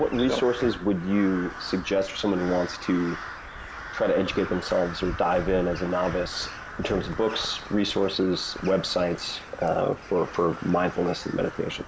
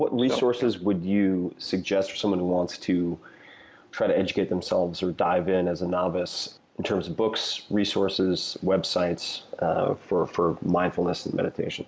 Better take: second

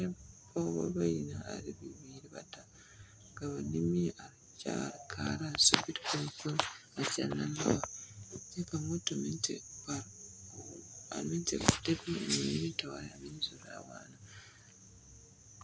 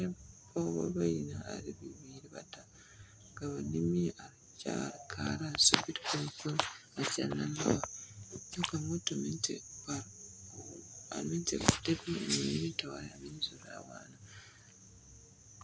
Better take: first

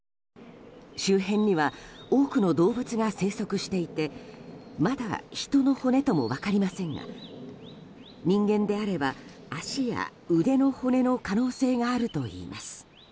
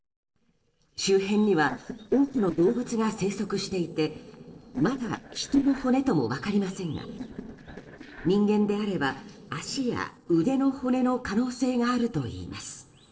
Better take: first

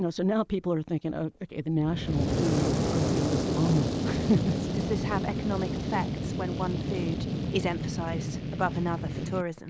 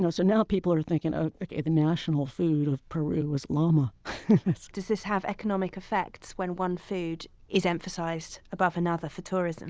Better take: second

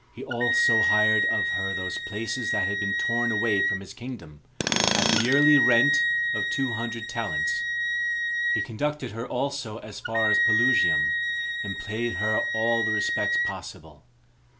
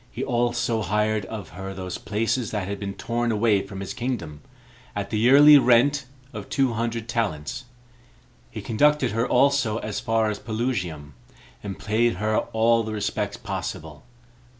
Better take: second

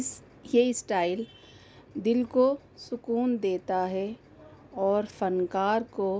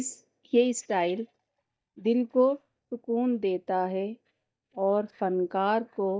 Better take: first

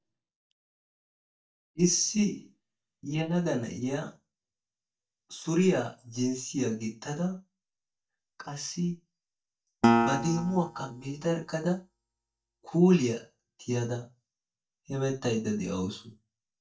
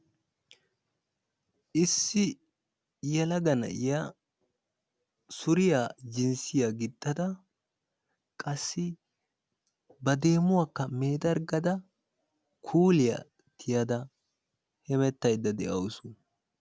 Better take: second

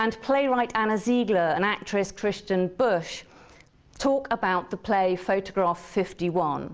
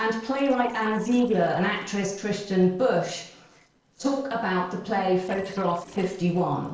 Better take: first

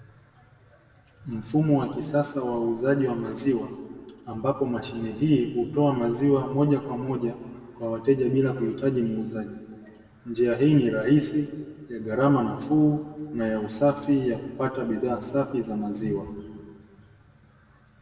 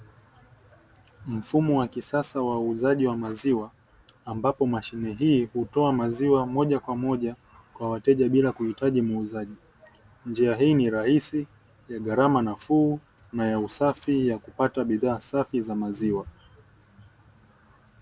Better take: second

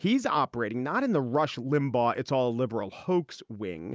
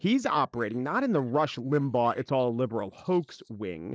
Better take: first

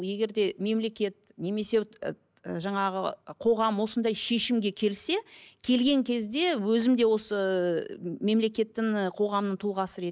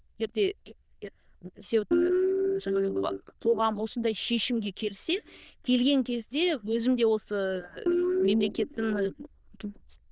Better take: first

